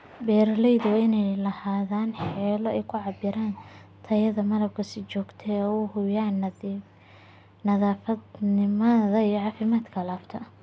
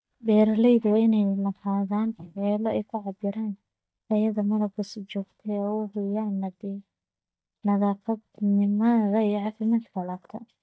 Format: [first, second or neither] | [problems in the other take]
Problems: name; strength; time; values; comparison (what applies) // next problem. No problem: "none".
first | noise reduction (neural mask model DeepFilterNet 3)